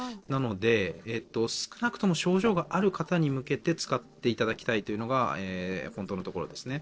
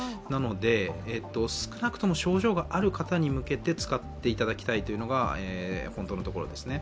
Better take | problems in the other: second | noise reduction (neural separator model SepFormer DNS4)

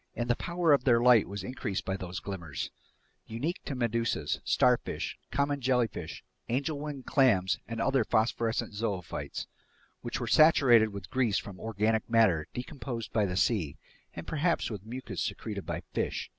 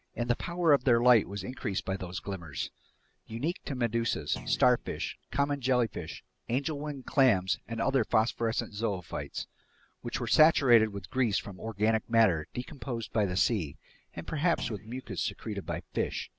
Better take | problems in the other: first | background sound (Thump, thud); 16 dB below the speech

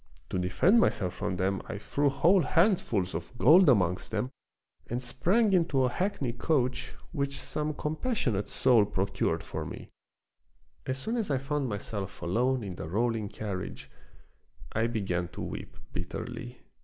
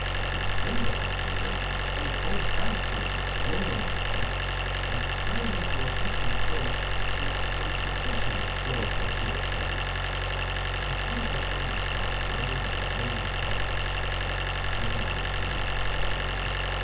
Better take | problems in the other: first | background sound (Idling); 2 dB above the speech // room echo; dies away in 0.3 s

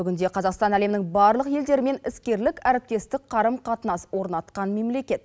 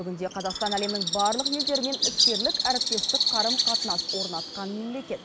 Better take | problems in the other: first | background sound (Bird); 3 dB above the speech

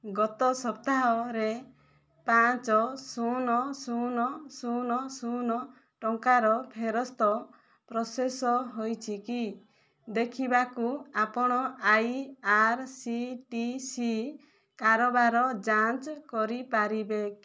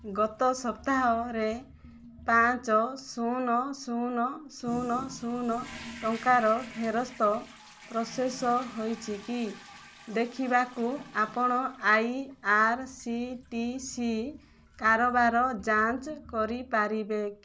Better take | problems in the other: first | background sound (Toilet flush); 20 dB below the speech

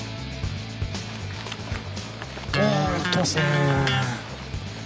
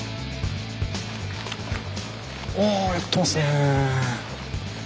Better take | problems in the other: second | background sound (Electric guitar); 2 dB below the speech

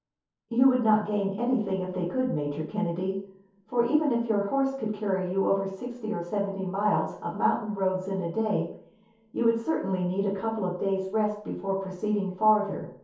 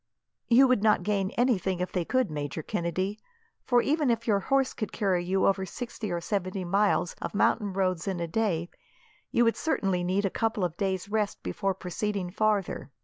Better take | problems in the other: second | room echo; dies away in 0.6 s

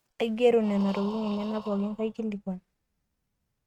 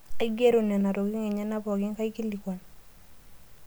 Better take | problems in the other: second | noise reduction (neural mask model RNNoise)

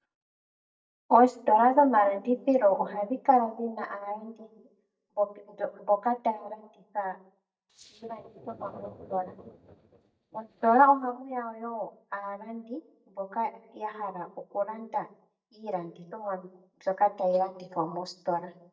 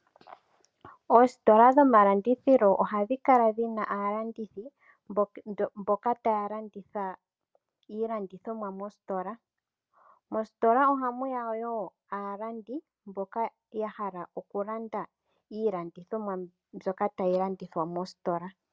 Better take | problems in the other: second | noise reduction (neural mask model DeepFilterNet 3)

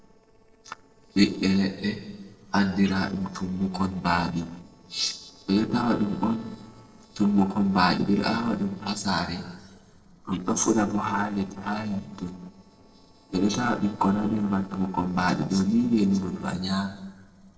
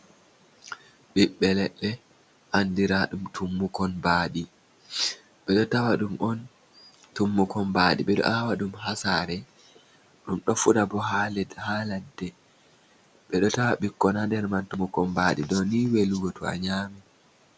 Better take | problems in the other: second | noise reduction (neural separator model SepFormer DNS4)

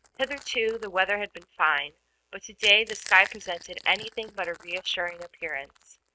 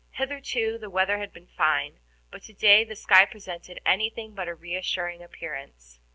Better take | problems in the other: second | noise reduction (neural mask model RNNoise)

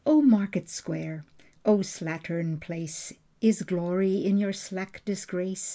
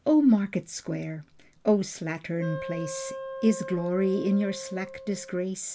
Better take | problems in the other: first | background sound (Wind instrument, woodwind instrument); 11 dB below the speech

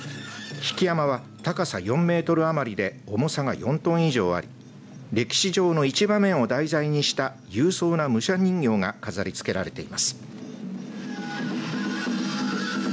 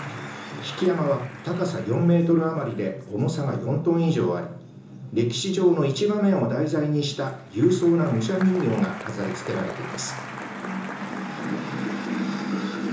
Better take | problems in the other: first | background sound (Applause); 16 dB below the speech // room echo; dies away in 0.6 s

